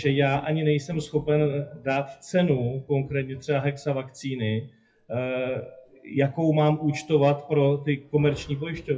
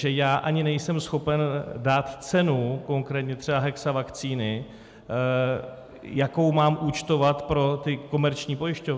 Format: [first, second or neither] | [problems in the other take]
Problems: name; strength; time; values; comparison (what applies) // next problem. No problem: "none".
second | noise reduction (classical method WPE with log-MMSE)